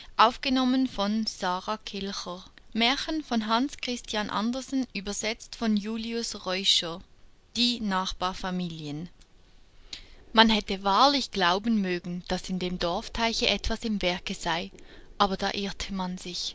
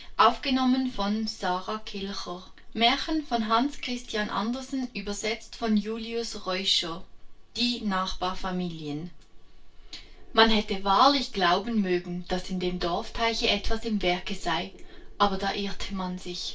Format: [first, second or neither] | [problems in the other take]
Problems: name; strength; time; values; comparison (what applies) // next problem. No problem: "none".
first | room echo; dies away in 0.2 s